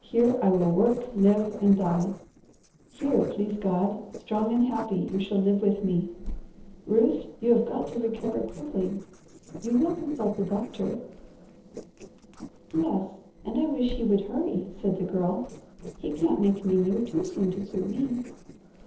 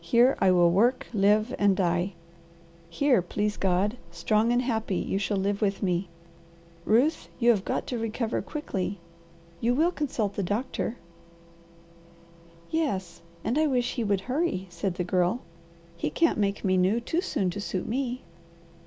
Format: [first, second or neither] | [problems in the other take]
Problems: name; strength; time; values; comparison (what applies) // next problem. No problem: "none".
second | noise reduction (neural separator model SepFormer DNS4)